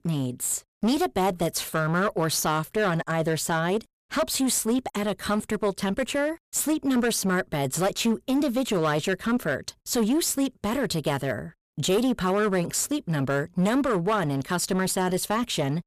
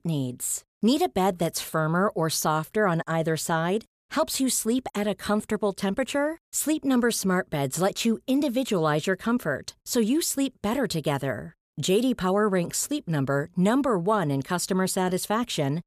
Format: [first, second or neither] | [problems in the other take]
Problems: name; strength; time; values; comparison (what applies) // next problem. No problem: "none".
second | distortion; slight; 11% of the sound clipped